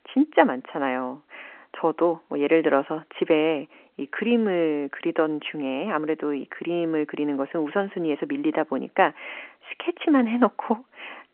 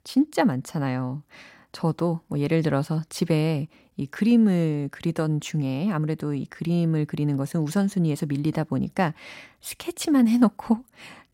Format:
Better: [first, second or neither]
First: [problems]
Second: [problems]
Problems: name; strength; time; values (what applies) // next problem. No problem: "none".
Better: second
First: phone-call audio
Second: none